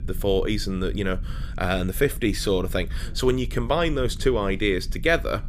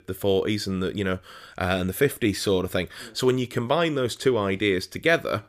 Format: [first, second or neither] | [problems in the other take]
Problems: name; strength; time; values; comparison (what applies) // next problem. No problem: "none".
second | low rumble; faint; throughout; 25 dB below the speech